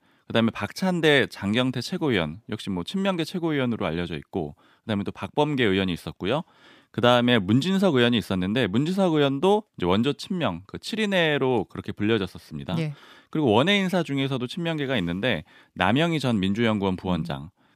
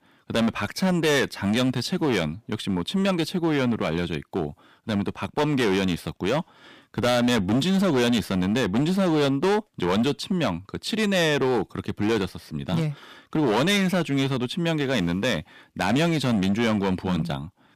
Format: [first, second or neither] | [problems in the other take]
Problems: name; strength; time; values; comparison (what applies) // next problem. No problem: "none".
first | distortion; heavy; 12% of the sound clipped